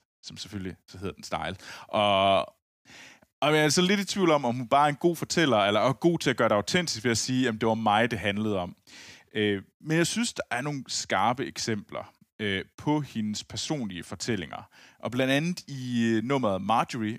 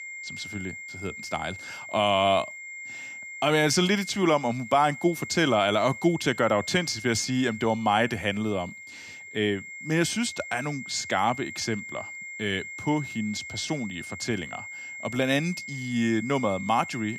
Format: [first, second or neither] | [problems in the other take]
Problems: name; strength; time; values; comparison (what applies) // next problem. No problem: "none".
first | high-pitched whine; noticeable; throughout; 2 kHz, 10 dB below the speech